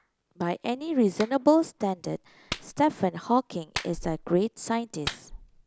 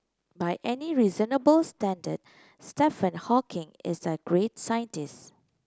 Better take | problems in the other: second | background sound (Clapping); 14 dB below the speech

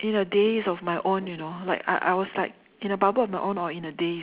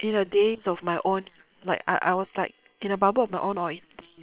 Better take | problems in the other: first | noise reduction (neural separator model SepFormer WHAM!)

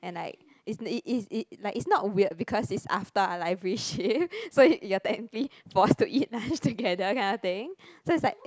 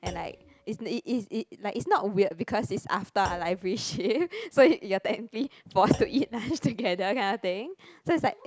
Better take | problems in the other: first | background sound (Thump, thud); 20 dB below the speech

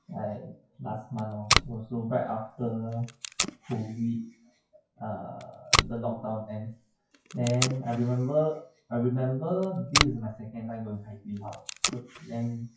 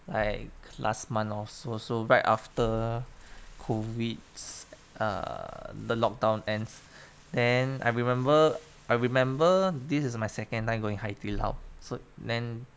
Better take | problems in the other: second | noise reduction (classical method WPE with log-MMSE)

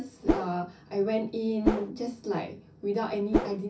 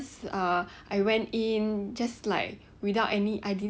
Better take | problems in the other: second | background sound (Whoosh, swoosh, swish); 3 dB above the speech // room echo; dies away in 0.3 s

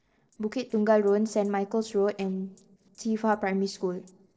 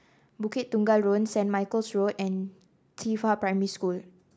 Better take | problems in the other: second | noise reduction (neural separator model SepFormer DNS4)

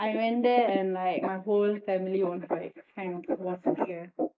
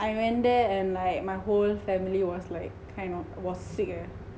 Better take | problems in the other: second | noise reduction (neural mask model Resemble Enhance denoiser)

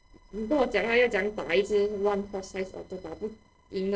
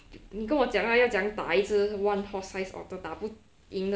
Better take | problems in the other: second | noise reduction (neural separator model SepFormer DNS4)

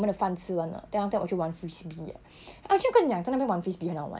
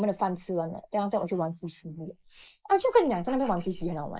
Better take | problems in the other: first | noise reduction (neural mask model Resemble Enhance denoiser)

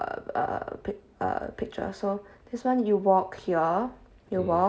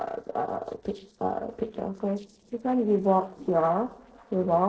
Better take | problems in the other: first | noise reduction (neural separator model SepFormer DNS4)

